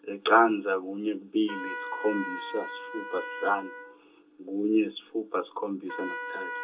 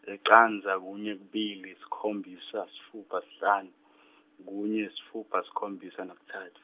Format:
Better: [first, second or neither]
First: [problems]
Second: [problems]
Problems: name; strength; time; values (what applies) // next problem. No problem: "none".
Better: second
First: background sound (Trumpet); 11 dB below the speech // room echo; dies away in 0.2 s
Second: none